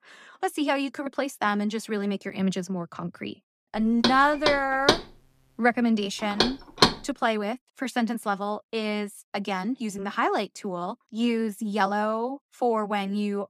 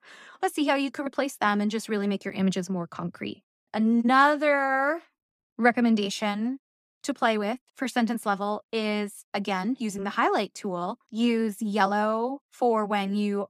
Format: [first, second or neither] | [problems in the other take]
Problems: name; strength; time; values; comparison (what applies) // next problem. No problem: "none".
second | door banging; loud; from 4 to 7 s; peak 5 dB above the speech